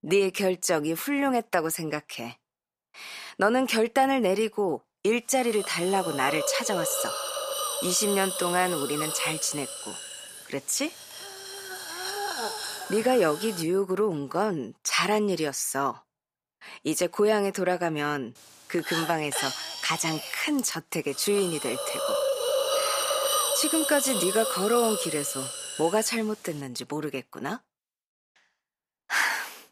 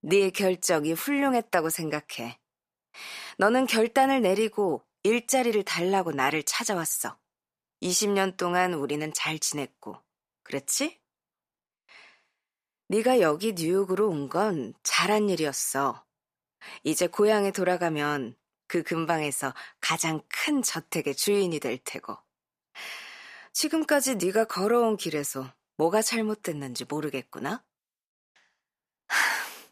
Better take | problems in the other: second | hiss; loud; from 5 to 14 s and from 18 to 27 s; 3 dB below the speech

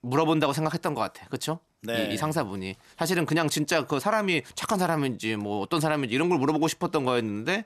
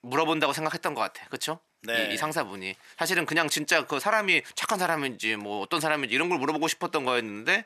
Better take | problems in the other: first | thin; somewhat; fading below 550 Hz

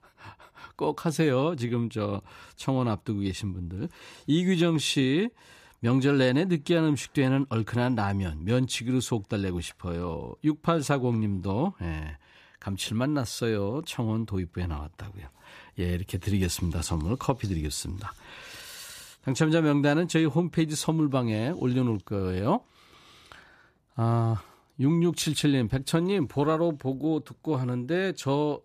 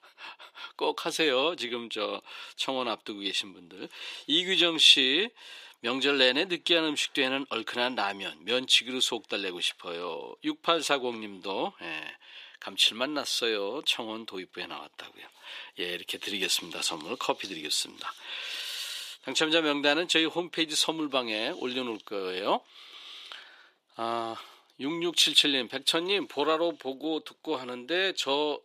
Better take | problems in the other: first | thin; somewhat; fading below 350 Hz

